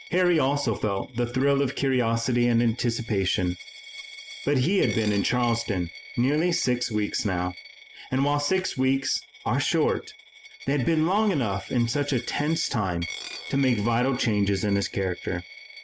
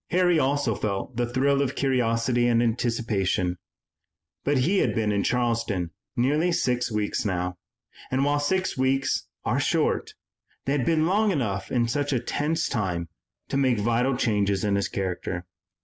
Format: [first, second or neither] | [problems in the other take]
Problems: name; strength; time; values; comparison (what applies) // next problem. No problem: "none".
second | background sound (Coin (dropping)); 17 dB below the speech